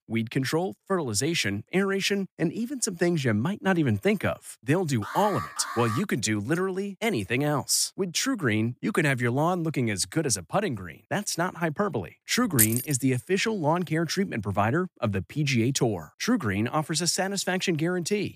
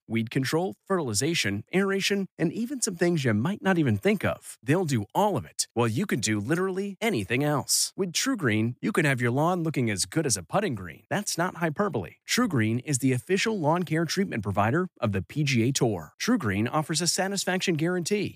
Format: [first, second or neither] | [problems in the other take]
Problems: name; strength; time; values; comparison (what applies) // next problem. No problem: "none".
second | alarm; noticeable; at 5 s; peak 7 dB below the speech // jangling keys; loud; at 13 s; peak 4 dB above the speech